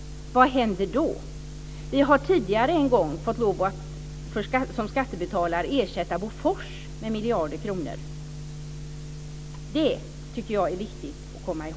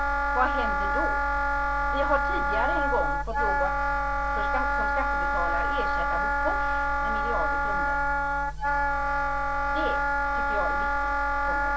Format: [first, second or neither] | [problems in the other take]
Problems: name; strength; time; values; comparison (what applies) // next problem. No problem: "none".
first | background sound (Wind instrument, woodwind instrument); 4 dB above the speech // room echo; dies away in 0.2 s